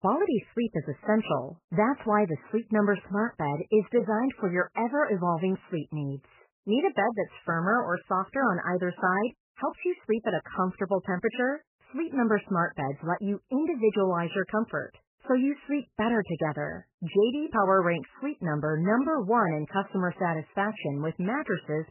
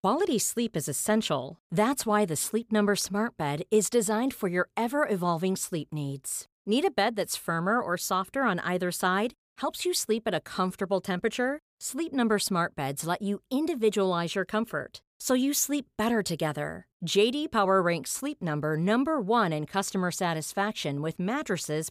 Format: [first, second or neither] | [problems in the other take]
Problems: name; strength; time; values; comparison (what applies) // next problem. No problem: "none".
second | garbled, watery; badly; nothing above 3 kHz